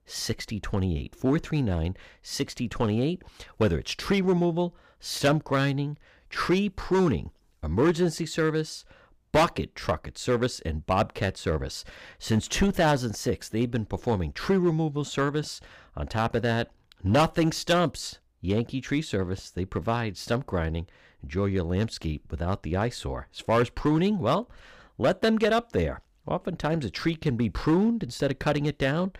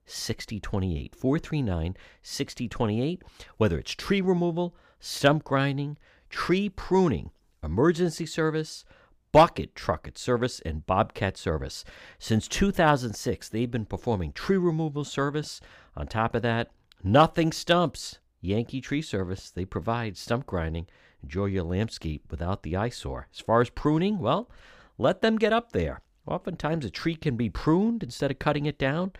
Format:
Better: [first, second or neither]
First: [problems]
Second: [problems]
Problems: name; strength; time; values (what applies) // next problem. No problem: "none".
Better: second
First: distortion; slight; 3% of the sound clipped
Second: none